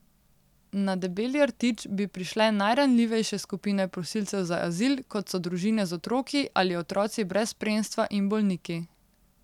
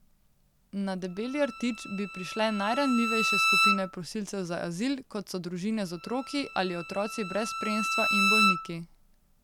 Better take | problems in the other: first | background sound (Bowed string instrument); as loud as the speech

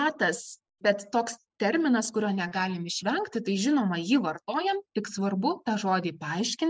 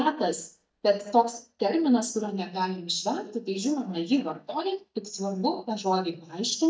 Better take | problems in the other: first | noise reduction (neural mask model DeepFilterNet 3)

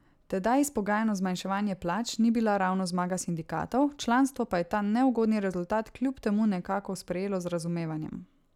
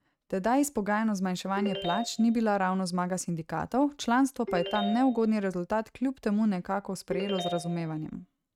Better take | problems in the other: first | noise reduction (neural mask model RNNoise)

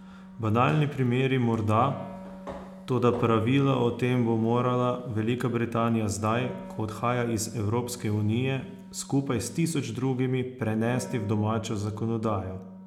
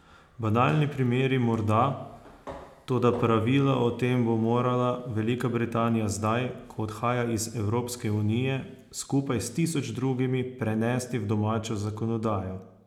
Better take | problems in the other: second | background sound (Wind instrument, woodwind instrument); 18 dB below the speech

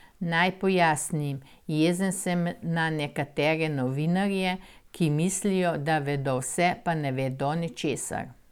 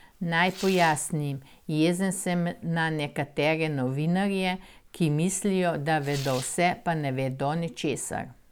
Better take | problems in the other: first | background sound (Tearing); 18 dB below the speech

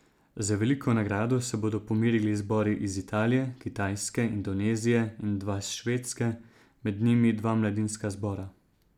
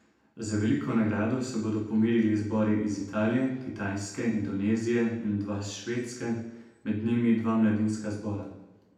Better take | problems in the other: first | room echo; dies away in 0.9 s

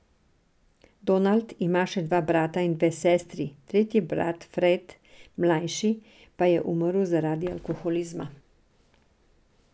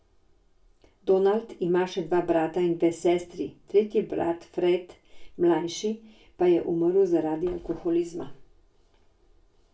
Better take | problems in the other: first | room echo; dies away in 0.2 s

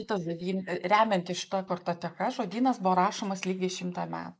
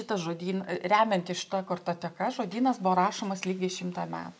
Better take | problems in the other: second | noise reduction (neural mask model Resemble Enhance denoiser)

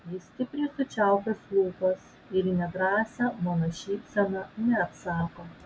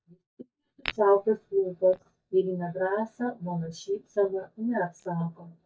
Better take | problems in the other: first | noise reduction (neural mask model DeepFilterNet 3)

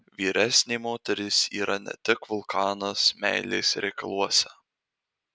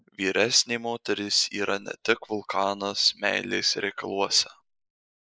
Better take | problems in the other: first | noise reduction (neural mask model Resemble Enhance denoiser)

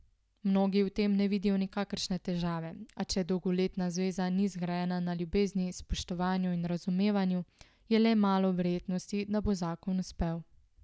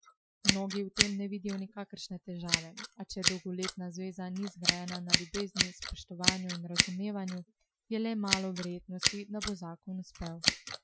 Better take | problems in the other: first | noise reduction (classical method Wiener filter)

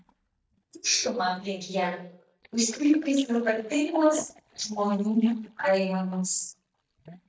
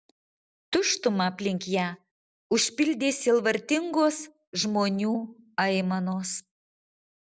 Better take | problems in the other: second | noise reduction (neural mask model DeepFilterNet 3)

